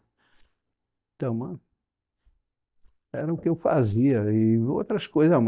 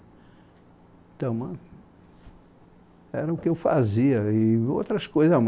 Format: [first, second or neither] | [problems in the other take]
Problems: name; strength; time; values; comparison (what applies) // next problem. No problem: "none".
second | noise reduction (neural mask model DeepFilterNet 3)